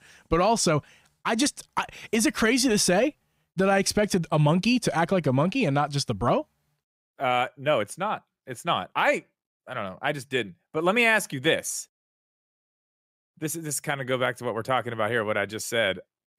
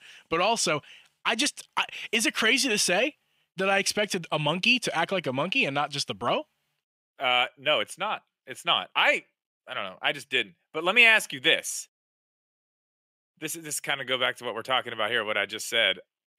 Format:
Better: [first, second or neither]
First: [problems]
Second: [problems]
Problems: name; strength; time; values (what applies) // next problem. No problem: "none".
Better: first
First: none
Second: thin; very slightly; fading below 400 Hz